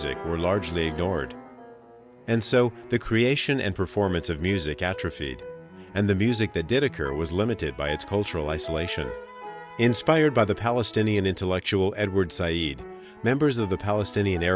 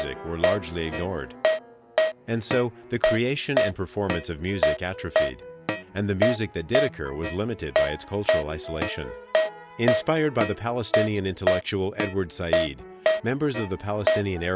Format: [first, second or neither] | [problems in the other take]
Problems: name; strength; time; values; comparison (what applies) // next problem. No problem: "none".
first | background sound (Keyboard (musical)); 1 dB above the speech